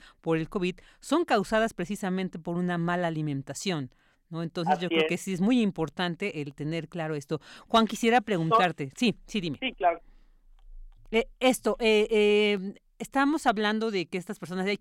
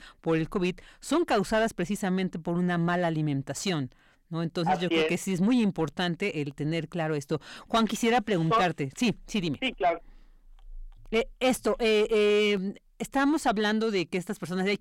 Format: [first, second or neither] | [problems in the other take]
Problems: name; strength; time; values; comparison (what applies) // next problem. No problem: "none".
first | distortion; slight; 10 dB below the speech